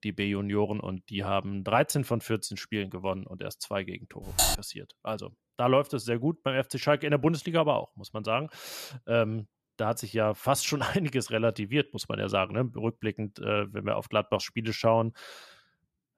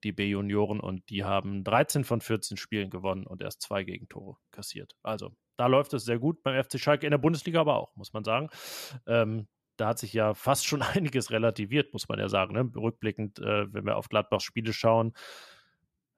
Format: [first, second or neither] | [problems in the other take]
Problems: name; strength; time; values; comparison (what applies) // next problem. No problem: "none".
second | keyboard typing; loud; at 4.5 s; peak 4 dB above the speech